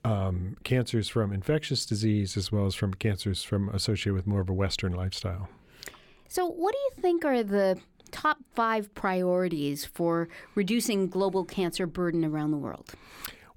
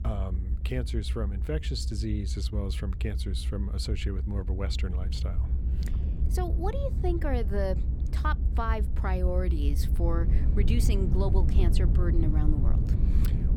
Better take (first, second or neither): first